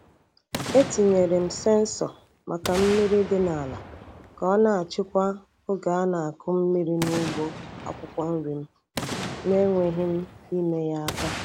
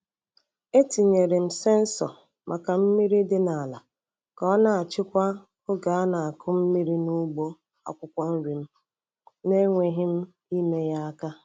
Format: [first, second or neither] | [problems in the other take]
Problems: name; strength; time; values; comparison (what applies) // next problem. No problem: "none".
second | background sound (Boom); 12 dB below the speech